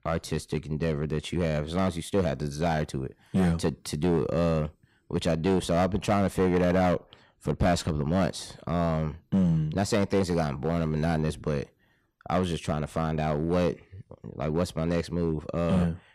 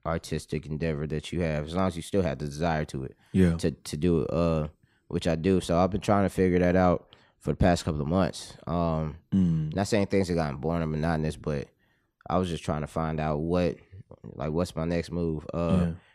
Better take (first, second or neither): second